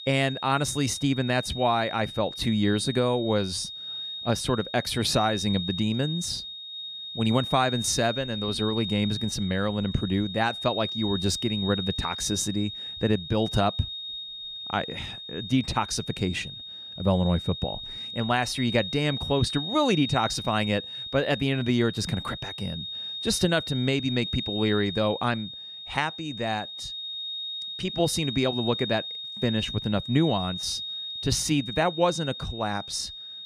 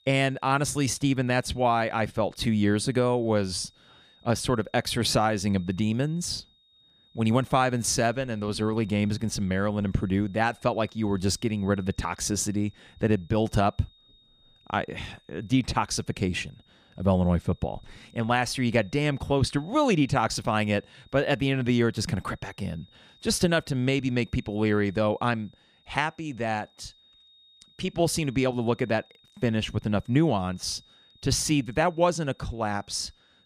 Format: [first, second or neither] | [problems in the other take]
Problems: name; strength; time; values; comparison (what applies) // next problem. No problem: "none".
second | high-pitched whine; loud; throughout; 3.5 kHz, 6 dB below the speech; faint in the second